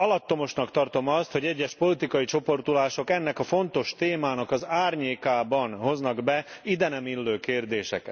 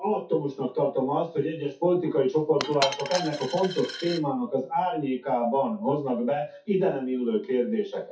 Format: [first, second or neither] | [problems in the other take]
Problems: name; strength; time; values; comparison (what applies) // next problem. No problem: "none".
first | noise reduction (classical method WPE with log-MMSE)